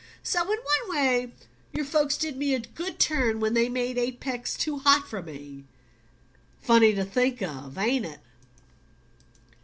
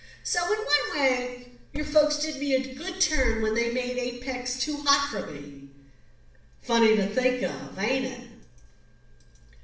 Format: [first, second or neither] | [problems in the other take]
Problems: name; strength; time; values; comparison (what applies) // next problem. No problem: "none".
first | room echo; dies away in 0.7 s